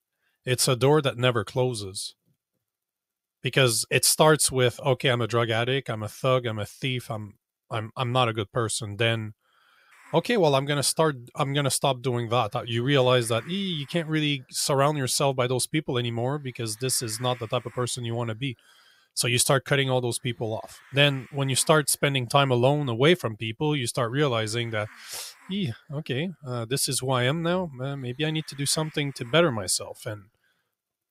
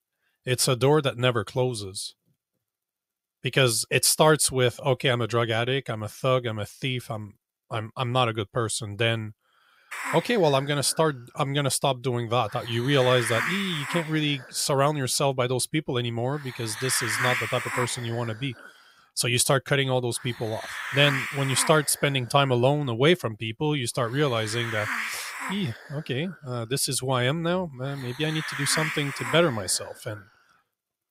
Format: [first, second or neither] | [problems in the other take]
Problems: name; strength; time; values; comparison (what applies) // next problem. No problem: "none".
first | hiss; loud; from 10 s on; 7 dB below the speech; faint in the first